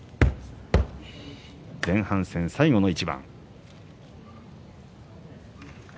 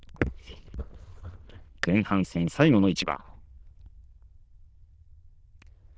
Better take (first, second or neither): first